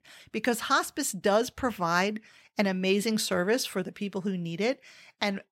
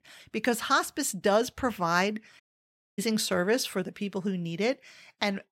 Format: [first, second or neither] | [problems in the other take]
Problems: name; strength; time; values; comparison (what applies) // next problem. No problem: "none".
first | audio cutting out; at 2.5 s for 0.5 s